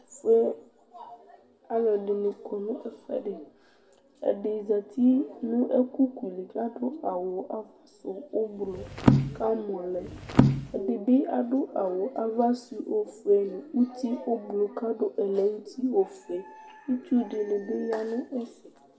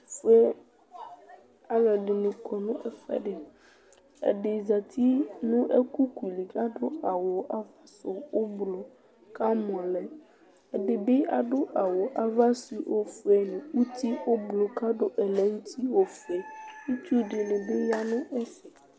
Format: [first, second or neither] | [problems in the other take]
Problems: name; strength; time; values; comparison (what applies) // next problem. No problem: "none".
second | background sound (Percussion); 2 dB above the speech // room echo; dies away in 0.5 s